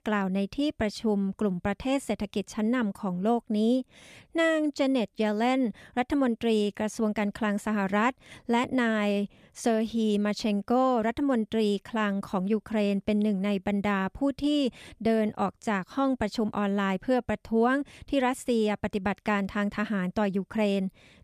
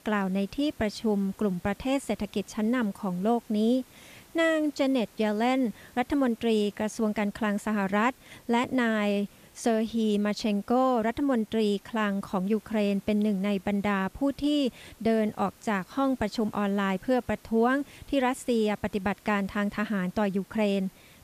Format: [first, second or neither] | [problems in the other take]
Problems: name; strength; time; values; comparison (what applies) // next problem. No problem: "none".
first | hiss; faint; throughout; 25 dB below the speech